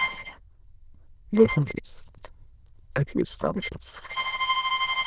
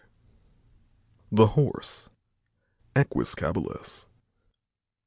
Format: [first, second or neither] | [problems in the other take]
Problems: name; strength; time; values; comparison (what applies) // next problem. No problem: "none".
second | noise reduction (neural diffusion model UNIVERSE++)